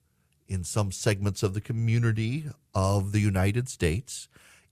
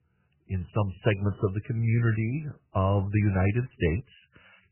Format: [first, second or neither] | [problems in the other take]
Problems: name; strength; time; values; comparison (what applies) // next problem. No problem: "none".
first | garbled, watery; badly; nothing above 3 kHz